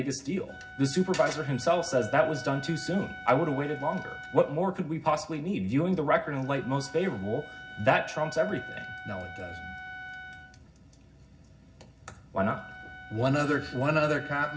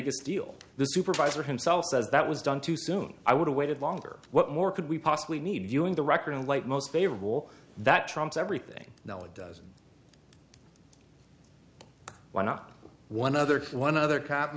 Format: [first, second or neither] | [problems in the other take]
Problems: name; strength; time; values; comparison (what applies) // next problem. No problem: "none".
second | background sound (Wind instrument, woodwind instrument); 15 dB below the speech // room echo; dies away in 0.4 s